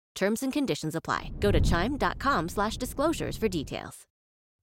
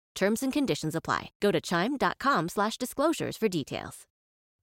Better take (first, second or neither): second